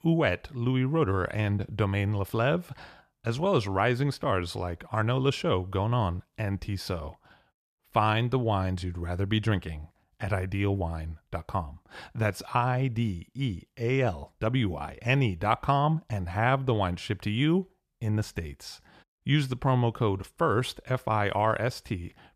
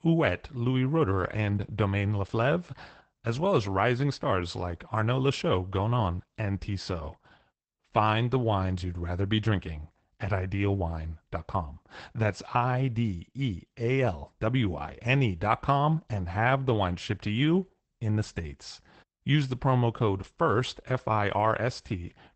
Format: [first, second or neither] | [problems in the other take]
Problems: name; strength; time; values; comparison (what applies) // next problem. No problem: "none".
first | garbled, watery; badly; nothing above 8 kHz